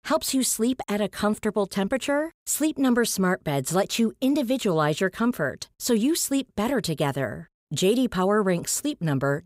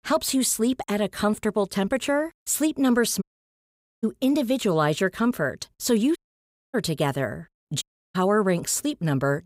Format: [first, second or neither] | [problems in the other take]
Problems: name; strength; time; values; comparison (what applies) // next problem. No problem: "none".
first | audio cutting out; at 3 s for 1 s, at 6 s for 0.5 s and at 8 s